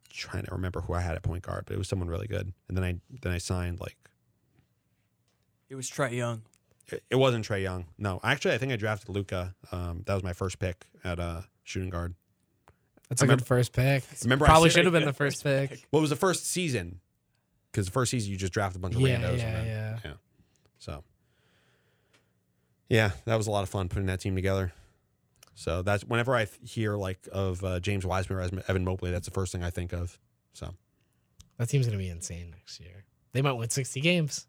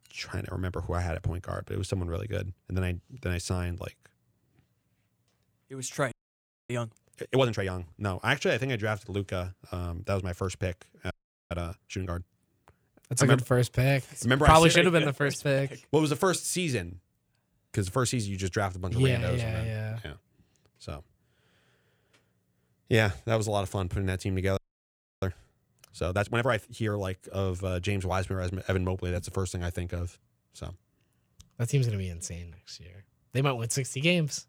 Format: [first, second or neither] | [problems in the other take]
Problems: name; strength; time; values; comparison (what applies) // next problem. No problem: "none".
first | audio freezing; at 6 s for 0.5 s, at 11 s and at 25 s for 0.5 s